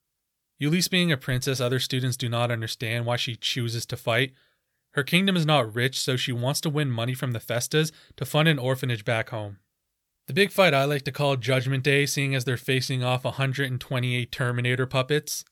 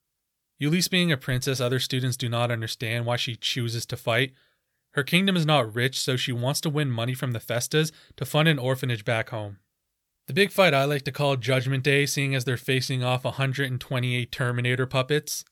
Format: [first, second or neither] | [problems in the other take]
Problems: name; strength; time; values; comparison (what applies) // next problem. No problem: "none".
neither | none